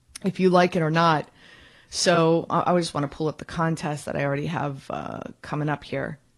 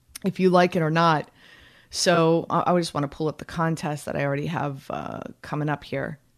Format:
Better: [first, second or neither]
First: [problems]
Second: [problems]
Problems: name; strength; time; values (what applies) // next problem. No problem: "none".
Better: second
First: garbled, watery; slightly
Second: none